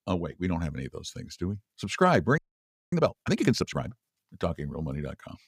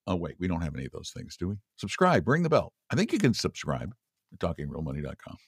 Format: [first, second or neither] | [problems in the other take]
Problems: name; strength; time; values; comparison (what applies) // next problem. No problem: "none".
second | audio freezing; at 2.5 s for 0.5 s